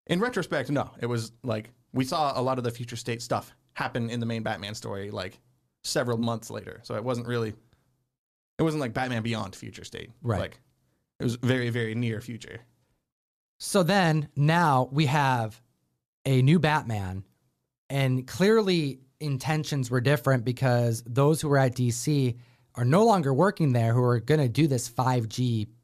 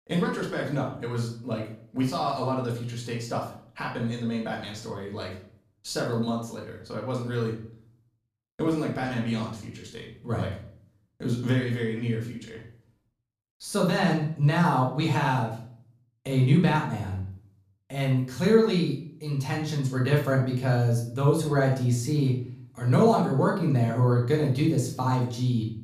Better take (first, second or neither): first